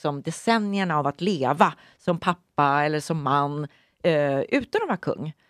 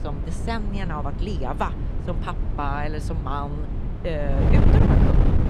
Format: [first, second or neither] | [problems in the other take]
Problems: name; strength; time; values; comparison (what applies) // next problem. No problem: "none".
first | wind noise on the microphone; heavy; 2 dB below the speech